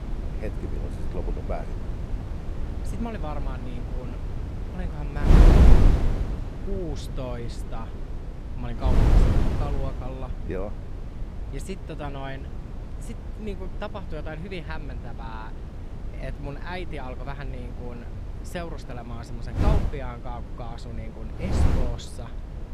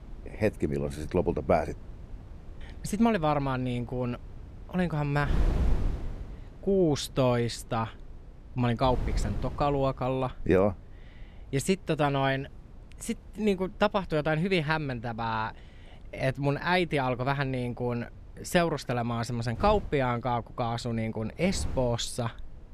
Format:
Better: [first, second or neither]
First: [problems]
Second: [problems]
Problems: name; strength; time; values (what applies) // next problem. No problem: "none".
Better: second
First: wind noise on the microphone; heavy; as loud as the speech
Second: wind noise on the microphone; occasional gusts; 20 dB below the speech